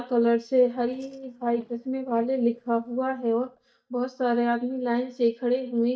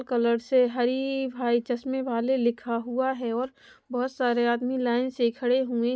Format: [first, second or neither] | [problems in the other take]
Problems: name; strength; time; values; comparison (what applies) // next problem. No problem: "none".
second | noise reduction (neural mask model DeepFilterNet 3)